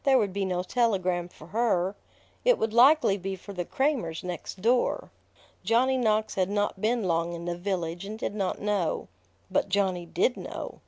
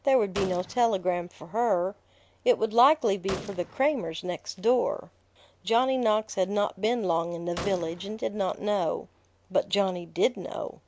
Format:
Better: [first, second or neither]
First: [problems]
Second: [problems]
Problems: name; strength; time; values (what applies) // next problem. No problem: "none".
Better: first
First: none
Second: background sound (Gunshot, gunfire); 17 dB below the speech